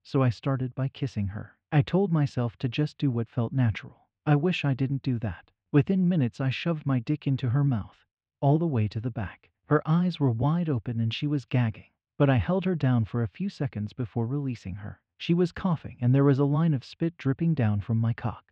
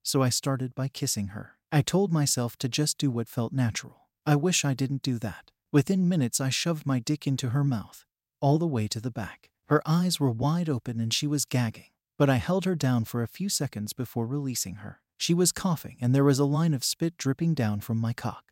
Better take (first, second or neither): second